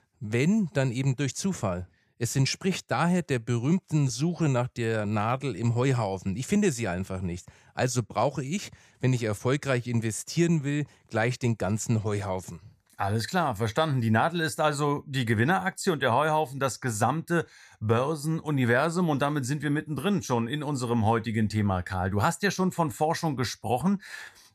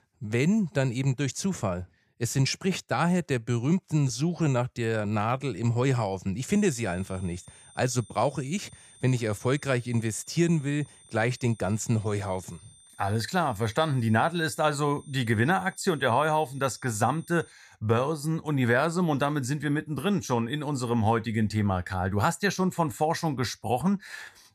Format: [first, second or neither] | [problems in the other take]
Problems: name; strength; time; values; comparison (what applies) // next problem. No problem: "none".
first | high-pitched whine; faint; from 6.5 to 18 s; 9 kHz, 25 dB below the speech